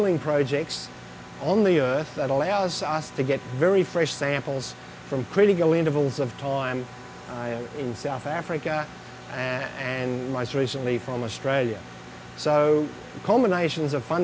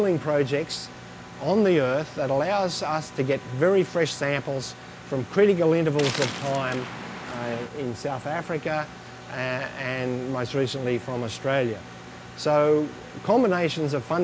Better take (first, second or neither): first